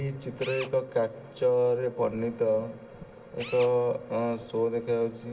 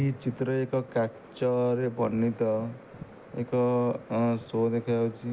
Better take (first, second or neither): second